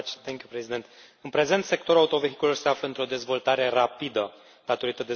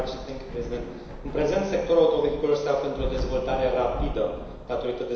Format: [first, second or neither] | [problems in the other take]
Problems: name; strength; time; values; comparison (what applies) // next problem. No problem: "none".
first | background sound (Thunder / Rain); 9 dB below the speech // room echo; dies away in 1 s